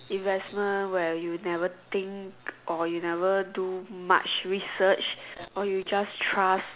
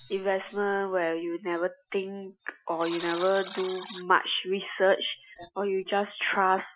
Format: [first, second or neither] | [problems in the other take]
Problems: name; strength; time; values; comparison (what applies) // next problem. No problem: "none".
first | noise reduction (classical method Wiener filter)